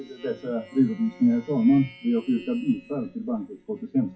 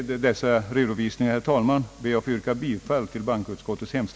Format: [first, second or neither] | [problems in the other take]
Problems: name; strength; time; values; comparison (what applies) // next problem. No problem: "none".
second | noise reduction (classical method WPE with log-MMSE)